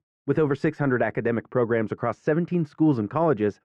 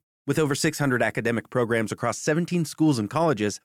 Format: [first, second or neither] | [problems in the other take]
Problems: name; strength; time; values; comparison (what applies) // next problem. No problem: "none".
second | muffled; very; fading above 1.5 kHz